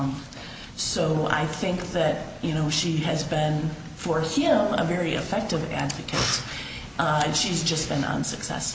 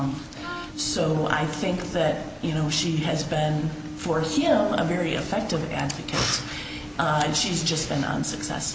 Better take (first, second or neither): first